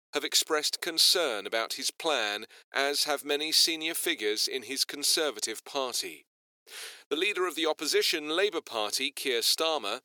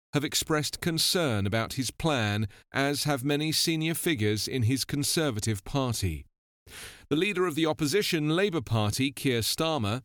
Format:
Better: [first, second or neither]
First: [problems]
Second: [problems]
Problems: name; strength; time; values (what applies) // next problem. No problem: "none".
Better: second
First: thin; very; fading below 400 Hz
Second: none